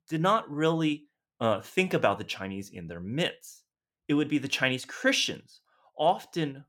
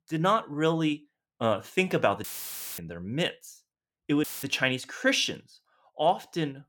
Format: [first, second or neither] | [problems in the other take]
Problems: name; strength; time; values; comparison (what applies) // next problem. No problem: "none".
first | audio cutting out; filled with static; at 2 s for 0.5 s and at 4 s